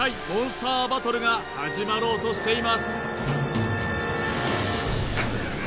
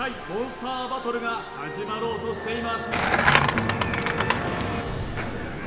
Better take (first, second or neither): first